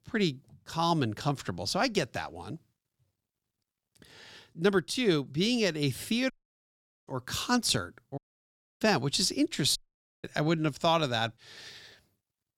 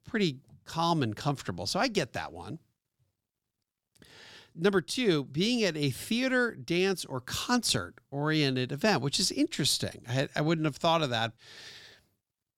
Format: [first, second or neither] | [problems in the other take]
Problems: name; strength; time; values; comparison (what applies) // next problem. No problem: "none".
second | audio cutting out; at 6.5 s for 1 s, at 8 s for 0.5 s and at 10 s